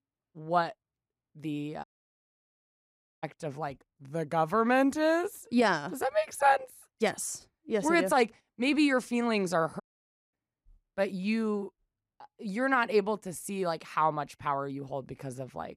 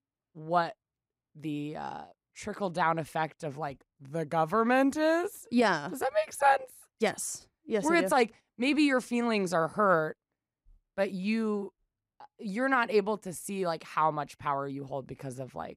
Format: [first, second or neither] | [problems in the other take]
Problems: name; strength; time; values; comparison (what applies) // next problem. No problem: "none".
second | audio cutting out; at 2 s for 1.5 s and at 10 s for 0.5 s